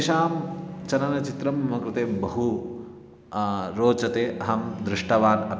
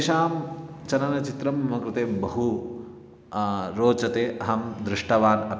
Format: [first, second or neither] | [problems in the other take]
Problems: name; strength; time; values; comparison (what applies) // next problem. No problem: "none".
second | background sound (Bowed string instrument); 15 dB below the speech